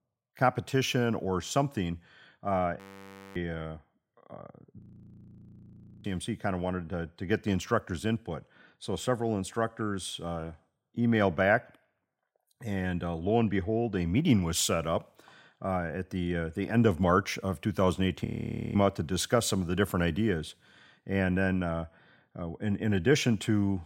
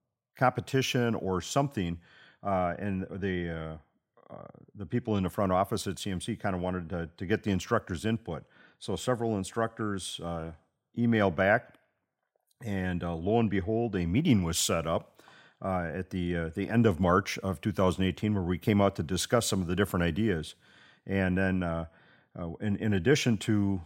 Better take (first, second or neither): second